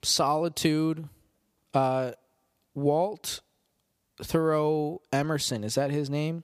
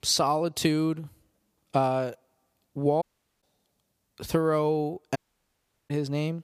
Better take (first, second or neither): first